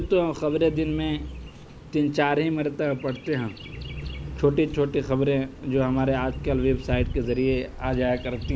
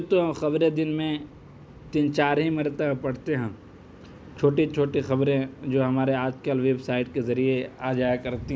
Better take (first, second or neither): second